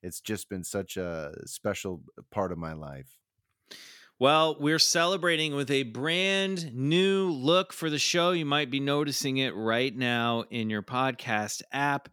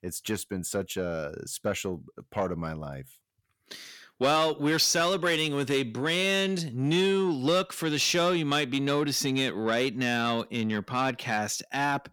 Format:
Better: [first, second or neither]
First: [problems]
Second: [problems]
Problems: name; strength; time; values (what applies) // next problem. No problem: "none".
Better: first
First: none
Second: distortion; slight; 10 dB below the speech